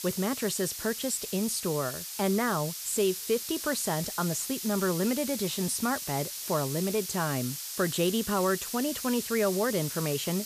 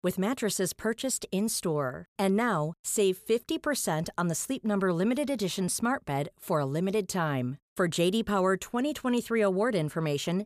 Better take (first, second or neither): second